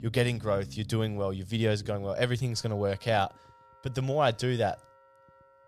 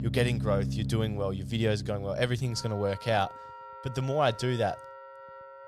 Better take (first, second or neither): first